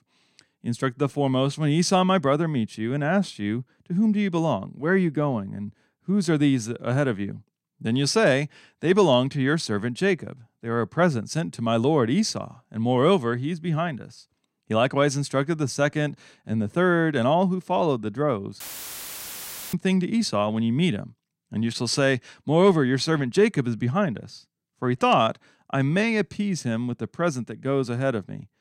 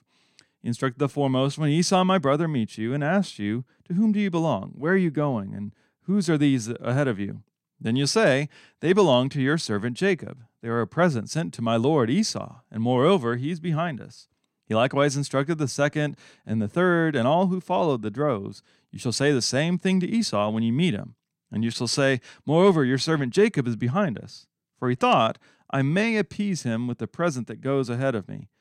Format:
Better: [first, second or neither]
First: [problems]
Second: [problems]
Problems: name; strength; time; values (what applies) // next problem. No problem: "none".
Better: second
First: audio cutting out; filled with static; at 19 s for 1 s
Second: none